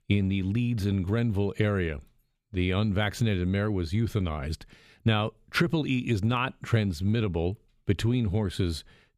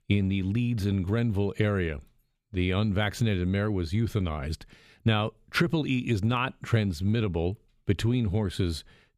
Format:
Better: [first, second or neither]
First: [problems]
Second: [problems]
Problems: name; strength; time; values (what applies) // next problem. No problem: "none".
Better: neither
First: none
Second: none